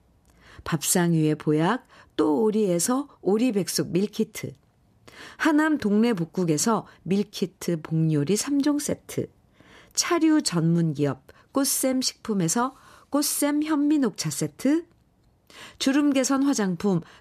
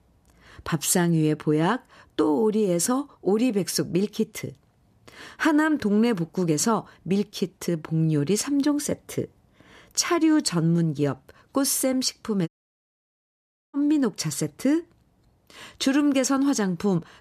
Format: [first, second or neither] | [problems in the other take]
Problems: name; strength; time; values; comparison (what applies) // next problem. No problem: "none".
first | audio cutting out; at 12 s for 1.5 s